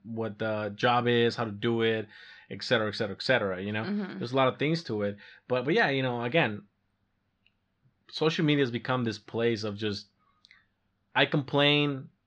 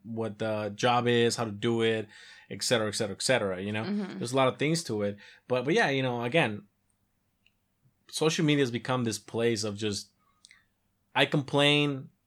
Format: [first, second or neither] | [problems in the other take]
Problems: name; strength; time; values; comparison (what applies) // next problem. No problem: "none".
second | muffled; very slightly; fading above 4.5 kHz